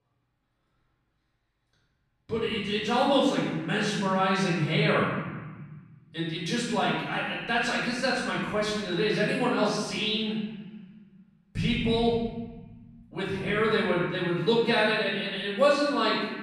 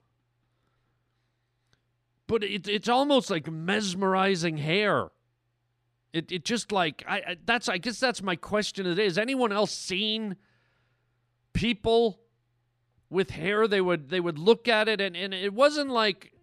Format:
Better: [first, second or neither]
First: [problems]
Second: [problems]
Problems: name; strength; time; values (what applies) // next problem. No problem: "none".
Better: second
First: off-mic speech; far // room echo; strong; dies away in 1.5 s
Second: none